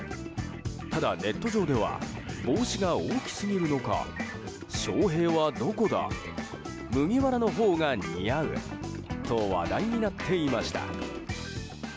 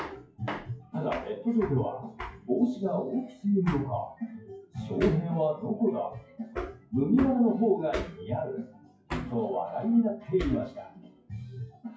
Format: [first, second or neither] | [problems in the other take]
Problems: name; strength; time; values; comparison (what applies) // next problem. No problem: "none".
first | noise reduction (classical method WPE with log-MMSE)